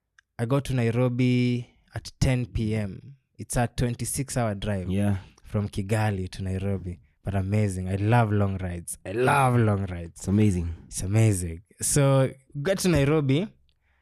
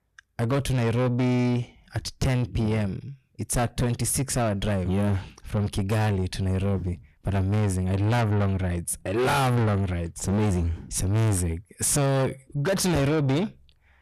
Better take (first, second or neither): first